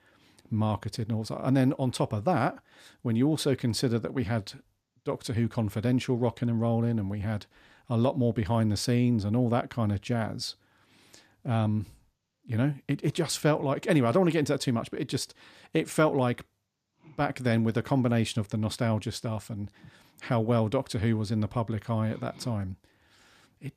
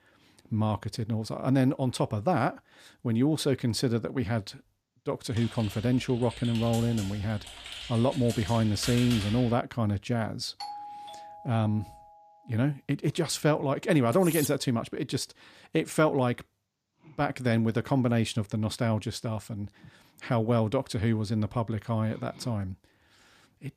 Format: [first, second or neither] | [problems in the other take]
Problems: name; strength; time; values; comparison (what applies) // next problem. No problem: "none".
first | keyboard typing; noticeable; from 5.5 to 9.5 s; peak 5 dB below the speech // doorbell; faint; from 11 to 12 s; peak 10 dB below the speech // clattering dishes; noticeable; at 14 s; peak 5 dB below the speech